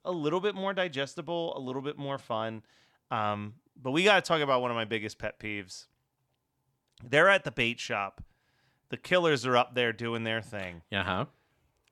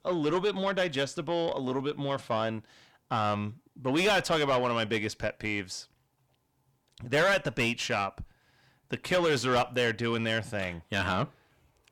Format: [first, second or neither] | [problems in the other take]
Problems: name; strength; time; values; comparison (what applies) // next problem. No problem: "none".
first | distortion; heavy; 7 dB below the speech